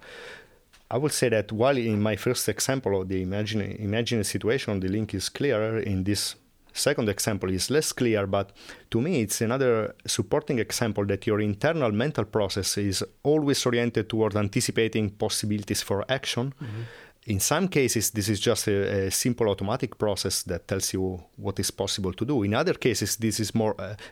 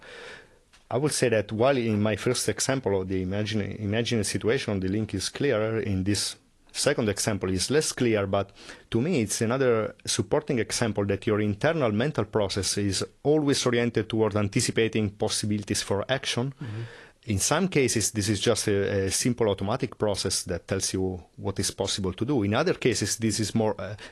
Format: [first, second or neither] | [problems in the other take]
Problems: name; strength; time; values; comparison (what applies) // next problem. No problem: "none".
first | garbled, watery; slightly; nothing above 11.5 kHz